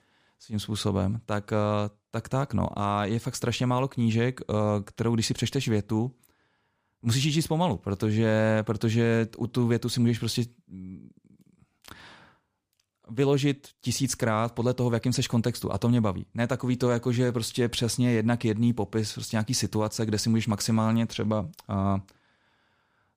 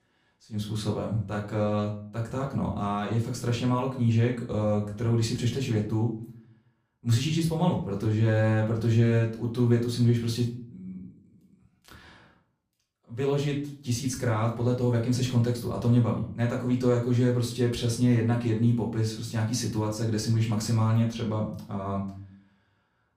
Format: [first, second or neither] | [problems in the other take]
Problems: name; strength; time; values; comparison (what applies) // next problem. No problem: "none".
first | off-mic speech; far // room echo; slight; dies away in 0.4 s